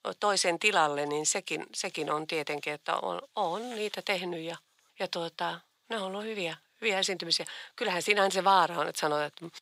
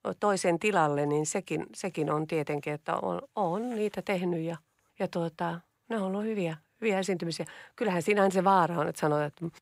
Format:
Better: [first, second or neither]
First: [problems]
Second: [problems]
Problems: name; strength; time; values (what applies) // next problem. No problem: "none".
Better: second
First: thin; somewhat; fading below 800 Hz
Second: none